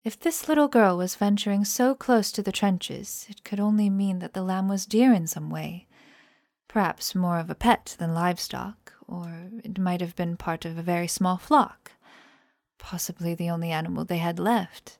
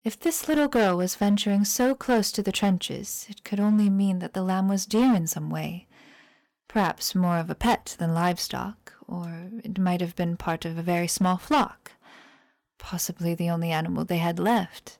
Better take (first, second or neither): first